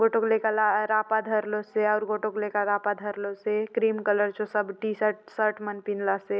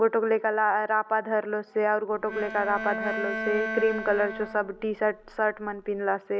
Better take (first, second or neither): first